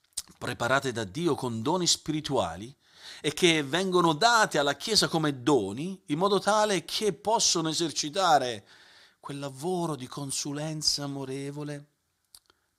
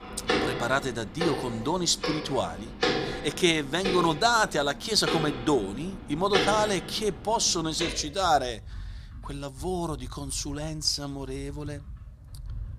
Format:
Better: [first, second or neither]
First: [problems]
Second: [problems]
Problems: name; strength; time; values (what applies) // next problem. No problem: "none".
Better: first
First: none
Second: household noises; loud; throughout; 6 dB below the speech